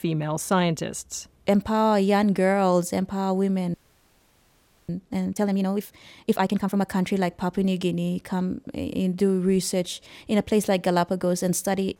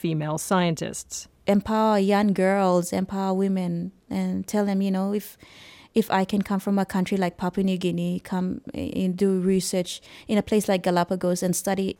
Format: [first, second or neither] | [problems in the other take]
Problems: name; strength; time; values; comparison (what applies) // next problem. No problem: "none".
second | audio freezing; at 3.5 s for 1 s